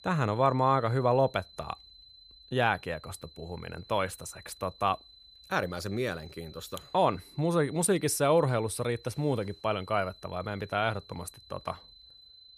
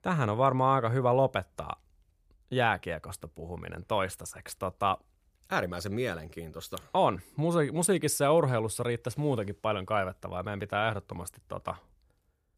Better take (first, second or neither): second